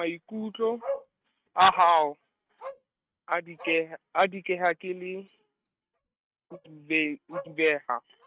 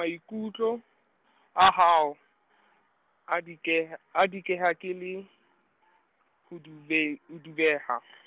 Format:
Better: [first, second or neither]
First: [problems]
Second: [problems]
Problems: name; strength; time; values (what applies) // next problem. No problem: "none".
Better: second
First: noise reduction (neural mask model RNNoise)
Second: none